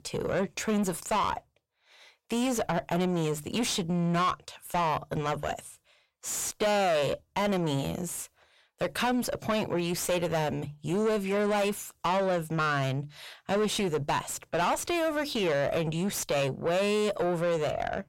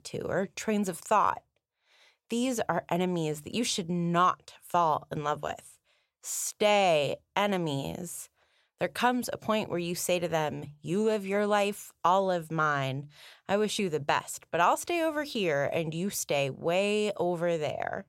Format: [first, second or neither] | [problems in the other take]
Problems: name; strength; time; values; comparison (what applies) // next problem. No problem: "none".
second | distortion; heavy; 6 dB below the speech